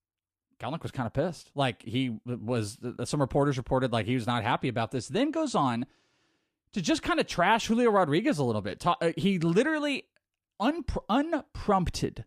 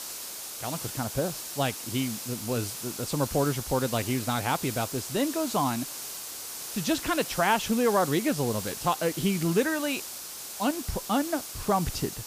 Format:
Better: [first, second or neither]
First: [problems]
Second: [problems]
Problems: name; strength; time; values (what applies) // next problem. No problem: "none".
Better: first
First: none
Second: hiss; loud; throughout; 7 dB below the speech